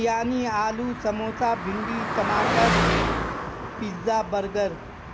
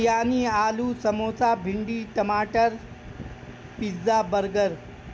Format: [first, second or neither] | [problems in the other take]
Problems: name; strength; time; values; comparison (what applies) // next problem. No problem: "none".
second | background sound (Car passing by); 1 dB below the speech